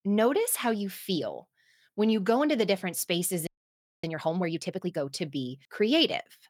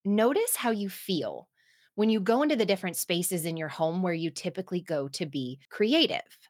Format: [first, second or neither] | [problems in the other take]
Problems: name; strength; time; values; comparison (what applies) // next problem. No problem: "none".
second | audio freezing; at 3.5 s for 0.5 s